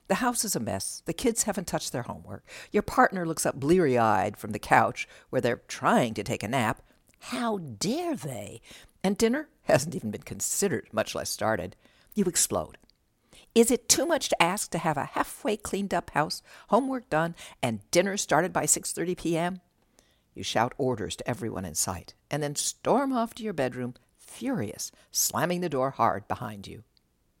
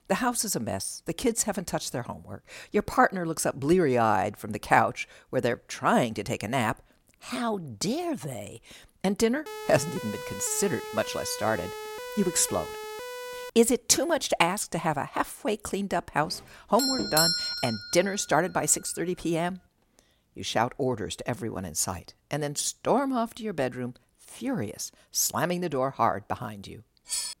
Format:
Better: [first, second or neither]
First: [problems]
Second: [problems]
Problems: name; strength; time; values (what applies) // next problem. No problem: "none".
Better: first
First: none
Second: siren; noticeable; from 9.5 to 14 s; peak 10 dB below the speech // doorbell; loud; at 17 s; peak 5 dB above the speech // clattering dishes; noticeable; at 27 s; peak 3 dB below the speech